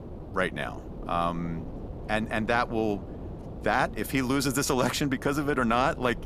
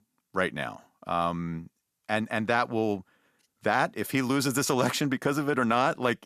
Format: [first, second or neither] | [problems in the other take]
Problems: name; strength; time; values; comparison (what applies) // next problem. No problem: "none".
second | wind noise on the microphone; occasional gusts; 20 dB below the speech